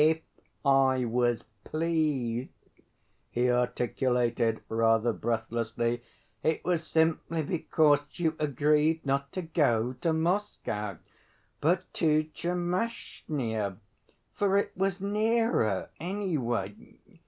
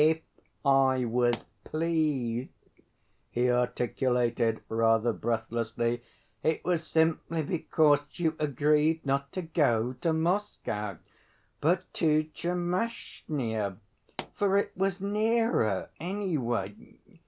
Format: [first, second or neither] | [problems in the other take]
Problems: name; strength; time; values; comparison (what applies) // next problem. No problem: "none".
first | background sound (Explosion); 18 dB below the speech